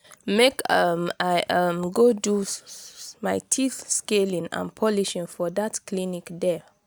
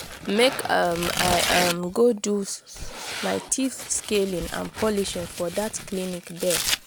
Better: first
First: none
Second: background sound (Tearing); 6 dB below the speech

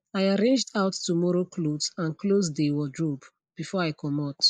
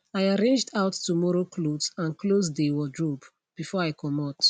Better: second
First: noise reduction (neural mask model Resemble Enhance denoiser)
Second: none

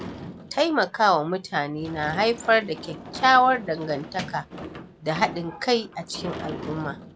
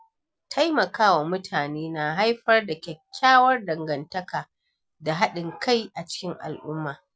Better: second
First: background sound (Sliding door / Slam); 14 dB below the speech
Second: none

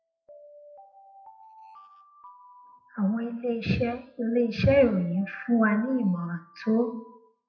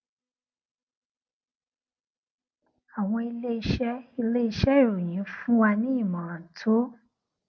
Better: second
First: noise reduction (classical method WPE with log-MMSE)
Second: none

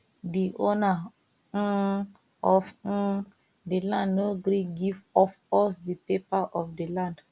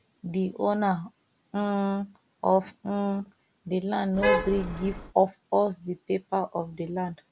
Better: first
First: none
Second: background sound (Traffic noise, roadway noise / Vehicle horn, car horn, honking); as loud as the speech

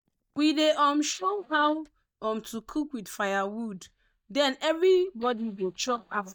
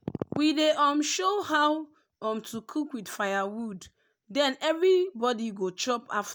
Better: second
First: noise reduction (neural mask model DeepFilterNet 3)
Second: none

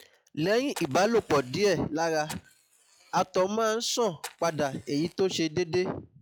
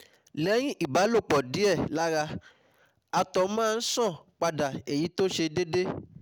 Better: second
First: noise reduction (classical method log-MMSE)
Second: none

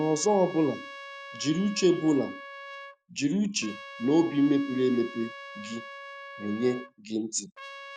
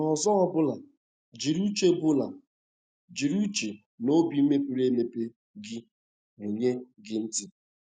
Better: second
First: background sound (Trumpet); 15 dB below the speech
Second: none

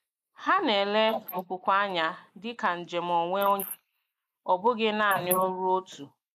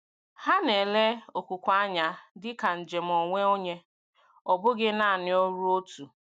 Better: second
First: noise reduction (neural mask model Resemble Enhance denoiser)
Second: none

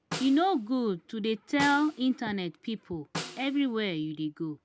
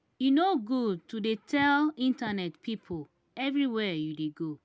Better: second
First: background sound (Snare drum); 14 dB below the speech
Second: none

